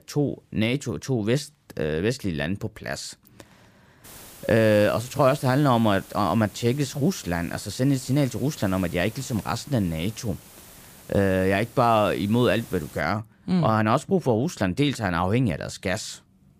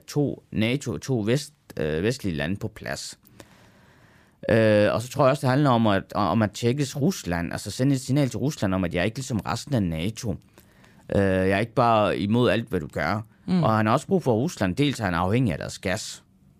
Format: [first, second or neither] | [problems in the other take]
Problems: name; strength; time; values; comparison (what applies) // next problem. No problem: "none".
second | hiss; faint; from 4 to 13 s; 20 dB below the speech